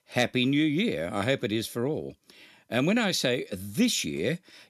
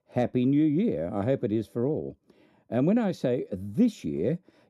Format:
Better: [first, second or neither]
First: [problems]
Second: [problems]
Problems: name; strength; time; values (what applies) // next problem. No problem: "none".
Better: first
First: none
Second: muffled; very; fading above 1.5 kHz